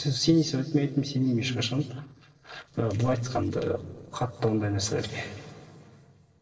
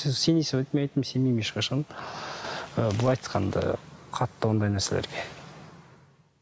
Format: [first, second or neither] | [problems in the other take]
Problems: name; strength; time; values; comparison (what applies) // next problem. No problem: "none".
second | noise reduction (neural separator model SepFormer DNS4)